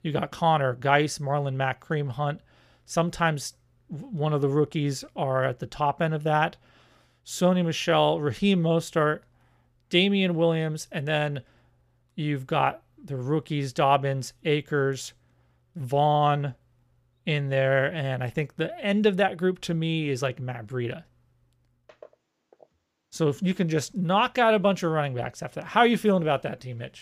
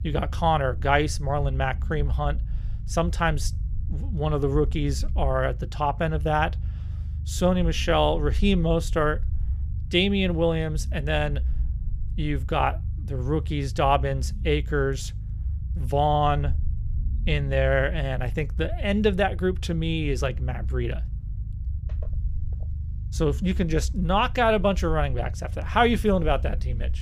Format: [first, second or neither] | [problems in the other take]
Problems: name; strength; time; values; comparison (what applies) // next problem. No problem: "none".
first | low rumble; faint; throughout; 25 dB below the speech